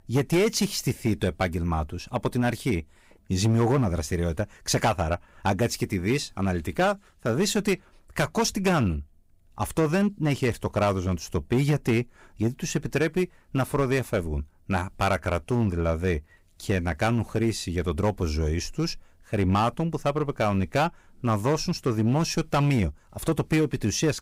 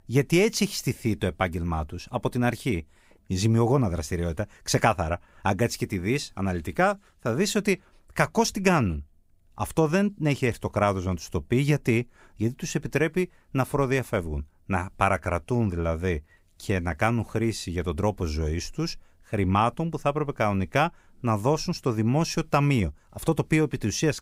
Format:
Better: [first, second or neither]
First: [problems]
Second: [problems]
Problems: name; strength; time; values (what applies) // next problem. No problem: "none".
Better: second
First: distortion; slight; 5% of the sound clipped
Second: none